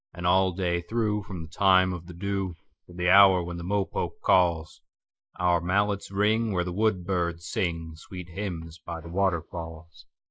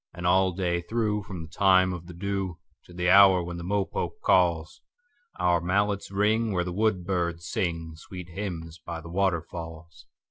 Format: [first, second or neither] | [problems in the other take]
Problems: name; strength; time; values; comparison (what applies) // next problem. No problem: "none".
second | noise reduction (neural mask model Resemble Enhance denoiser)